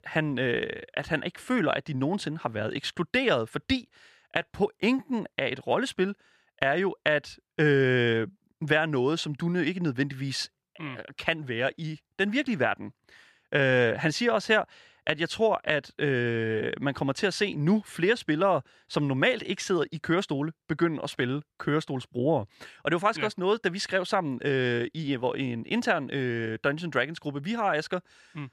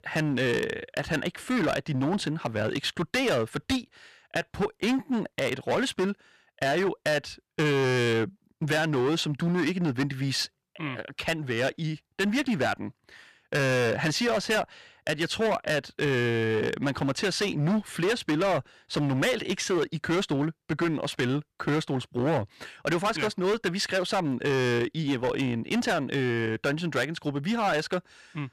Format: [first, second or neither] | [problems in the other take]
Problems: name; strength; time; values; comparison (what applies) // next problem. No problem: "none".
first | distortion; heavy; 15% of the sound clipped